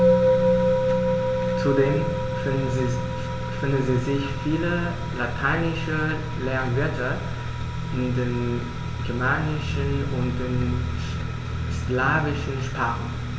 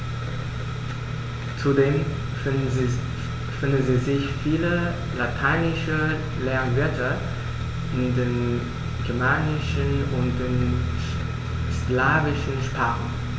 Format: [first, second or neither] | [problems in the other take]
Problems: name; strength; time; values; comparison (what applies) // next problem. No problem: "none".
second | background sound (Musical instrument); 3 dB below the speech